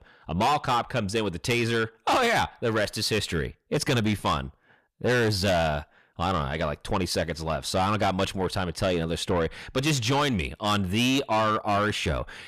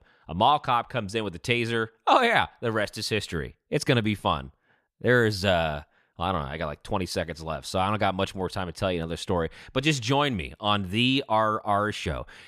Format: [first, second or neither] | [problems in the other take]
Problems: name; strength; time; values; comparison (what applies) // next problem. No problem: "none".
second | distortion; heavy; 7 dB below the speech